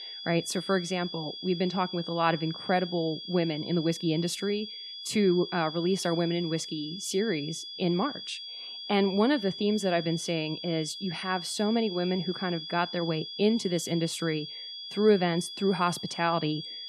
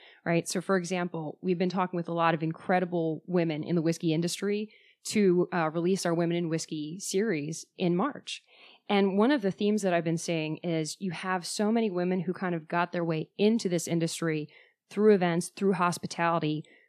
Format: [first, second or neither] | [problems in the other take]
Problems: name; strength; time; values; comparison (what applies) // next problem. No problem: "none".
second | high-pitched whine; loud; throughout; 3.5 kHz, 9 dB below the speech